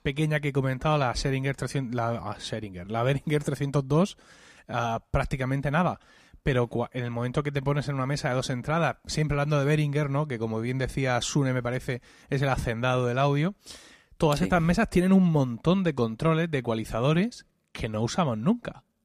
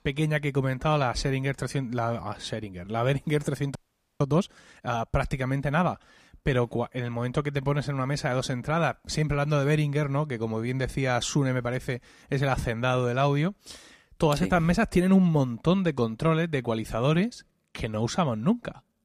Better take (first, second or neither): first